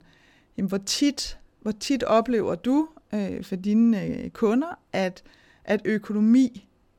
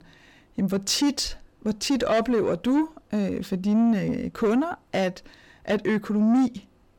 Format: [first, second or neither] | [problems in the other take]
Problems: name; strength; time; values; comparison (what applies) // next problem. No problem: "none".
first | distortion; slight; 10 dB below the speech